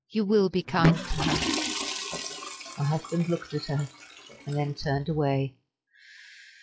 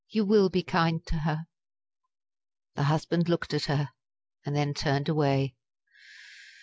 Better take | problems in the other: second | noise reduction (classical method log-MMSE)

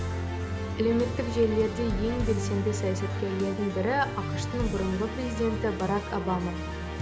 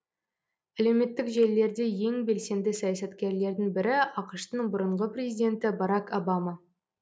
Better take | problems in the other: second | background sound (Musical instrument); 2 dB below the speech

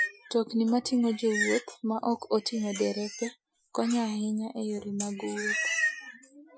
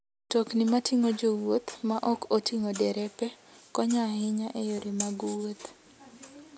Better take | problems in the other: second | noise reduction (classical method Wiener filter)

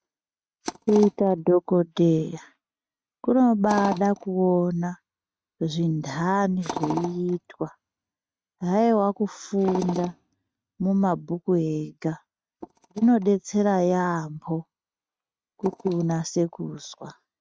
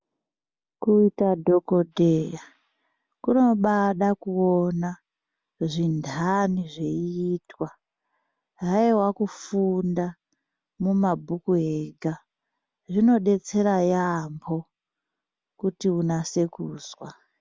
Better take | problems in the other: second | noise reduction (neural mask model RNNoise)

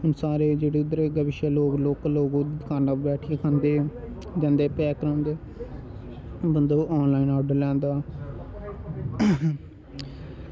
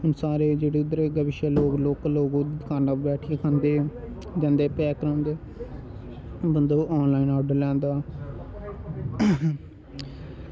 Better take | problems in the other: first | background sound (Bowed string instrument); 11 dB below the speech

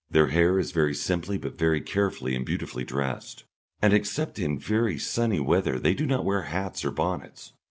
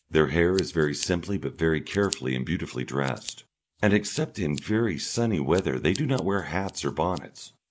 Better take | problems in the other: first | background sound (Scissors); 18 dB below the speech

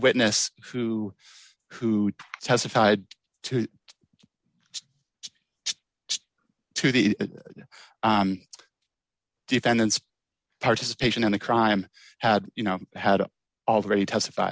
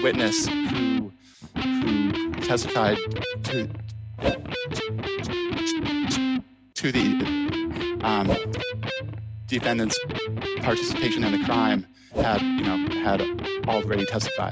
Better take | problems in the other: first | background sound (Whoosh, swoosh, swish + Electric guitar); 2 dB above the speech

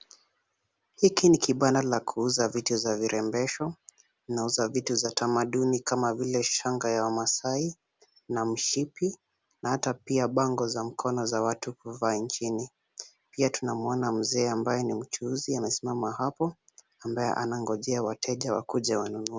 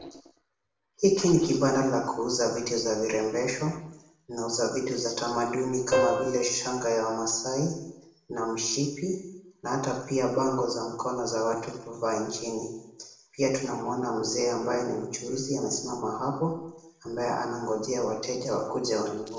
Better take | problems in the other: first | noise reduction (neural separator model SepFormer DNS4)

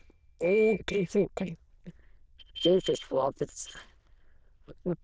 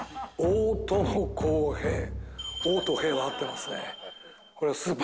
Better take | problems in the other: second | noise reduction (neural diffusion model UNIVERSE++)

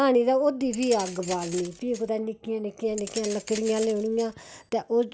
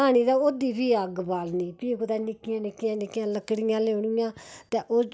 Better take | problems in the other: second | background sound (Keys jangling); 14 dB below the speech

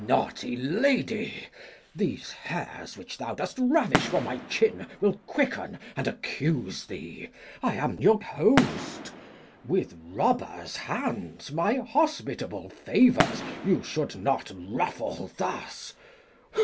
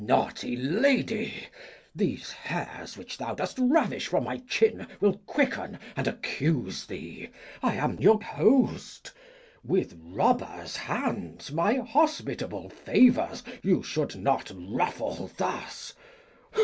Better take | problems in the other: second | background sound (Fireworks); 10 dB below the speech

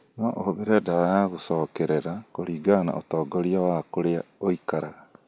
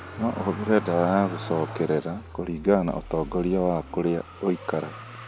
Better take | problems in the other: first | background sound (Motor vehicle (road)); 13 dB below the speech

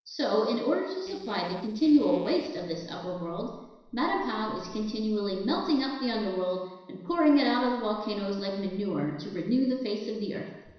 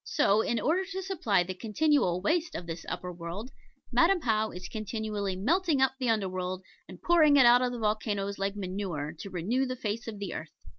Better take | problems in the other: second | noise reduction (neural separator model SepFormer DNS4)

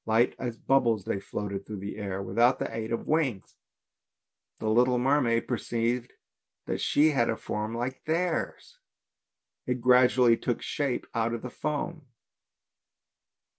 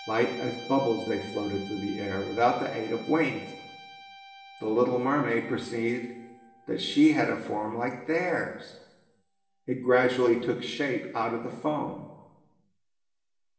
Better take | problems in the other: first | background sound (Guitar); 20 dB below the speech // room echo; dies away in 1 s

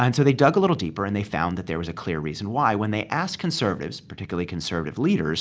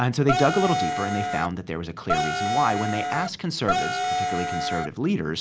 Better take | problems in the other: first | background sound (Wind instrument, woodwind instrument); as loud as the speech

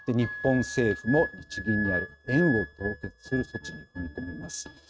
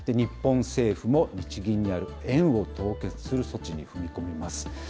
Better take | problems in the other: second | noise reduction (neural mask model RNNoise)

